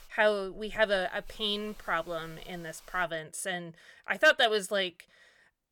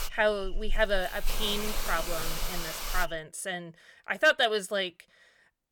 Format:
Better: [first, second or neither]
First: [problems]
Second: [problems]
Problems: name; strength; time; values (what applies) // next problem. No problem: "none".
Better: first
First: hiss; faint; until 3 s; 25 dB below the speech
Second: hiss; loud; until 3 s; 6 dB below the speech